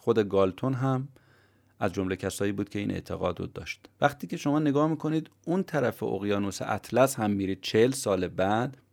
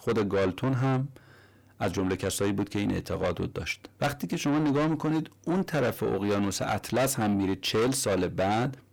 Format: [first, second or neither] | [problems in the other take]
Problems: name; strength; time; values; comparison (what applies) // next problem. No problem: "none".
first | distortion; heavy; 6 dB below the speech